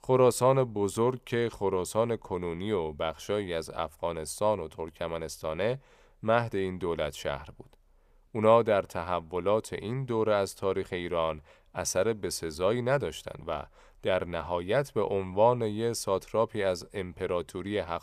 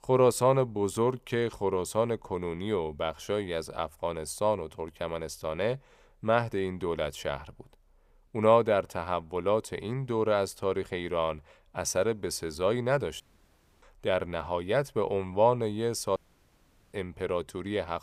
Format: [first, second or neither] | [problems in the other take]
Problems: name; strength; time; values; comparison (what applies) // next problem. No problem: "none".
first | audio cutting out; at 13 s for 0.5 s and at 16 s for 1 s